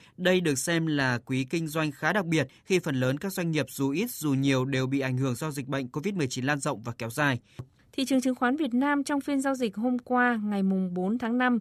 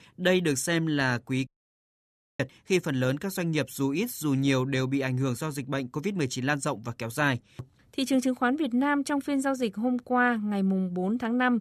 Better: first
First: none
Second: audio cutting out; at 1.5 s for 1 s

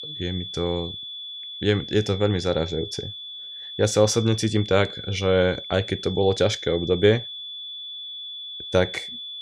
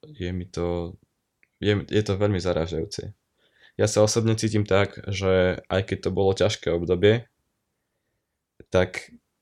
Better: second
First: high-pitched whine; noticeable; throughout; 3.5 kHz, 10 dB below the speech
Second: none

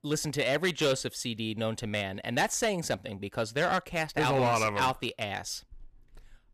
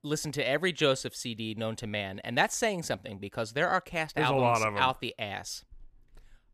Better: second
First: distortion; slight; 5% of the sound clipped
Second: none

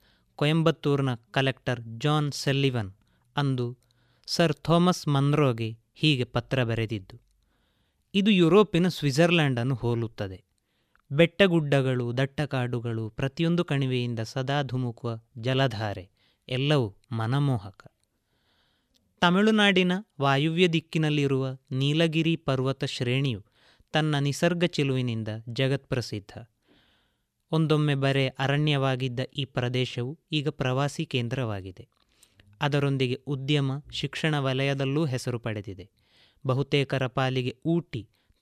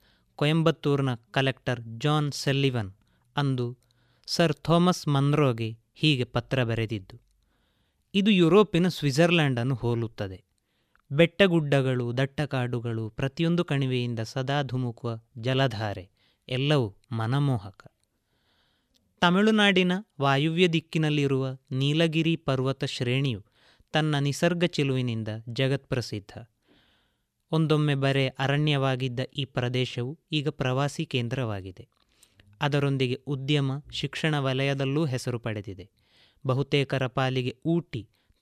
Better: neither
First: none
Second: none

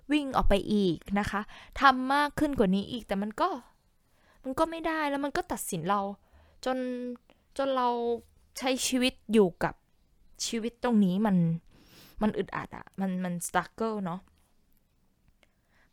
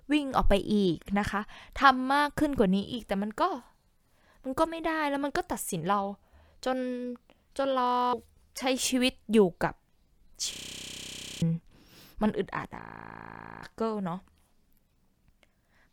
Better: first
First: none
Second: audio freezing; at 8 s, at 11 s for 1 s and at 13 s for 1 s

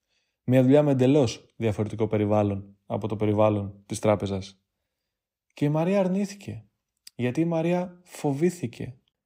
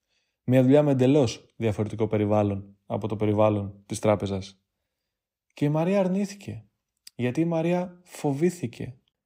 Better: neither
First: none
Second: none

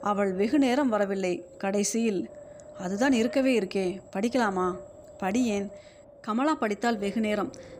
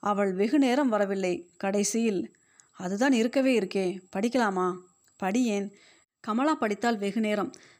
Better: second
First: wind noise on the microphone; occasional gusts; 15 dB below the speech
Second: none

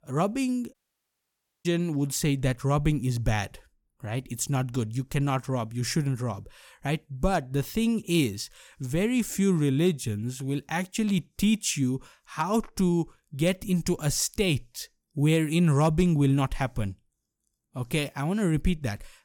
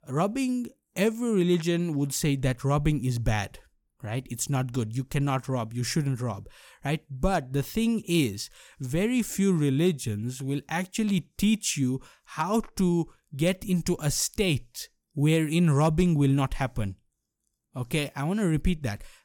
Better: second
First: audio cutting out; at 0.5 s for 1 s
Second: none

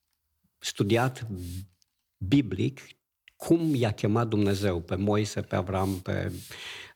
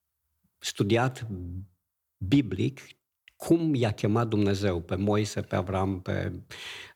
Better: second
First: hiss; faint; throughout; 20 dB below the speech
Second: none

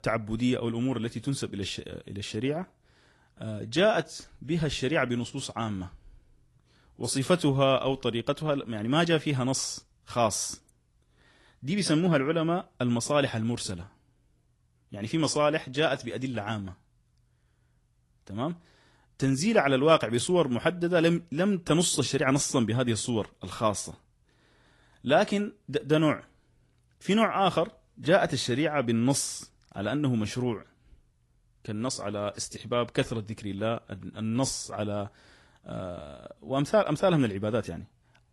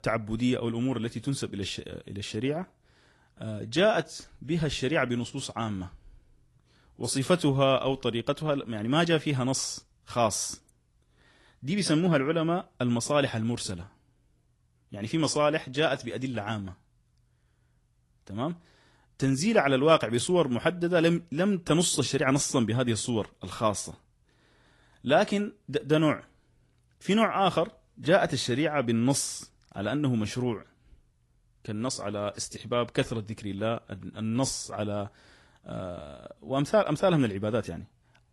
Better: neither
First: garbled, watery; slightly; nothing above 11 kHz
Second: garbled, watery; slightly; nothing above 11 kHz

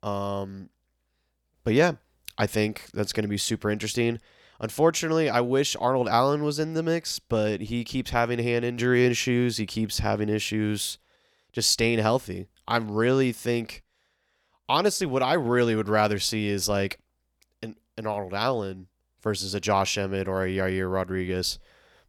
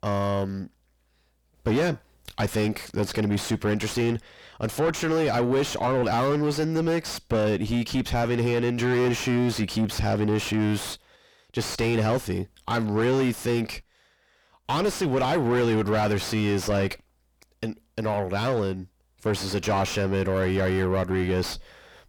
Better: first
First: none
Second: distortion; heavy; 5 dB below the speech

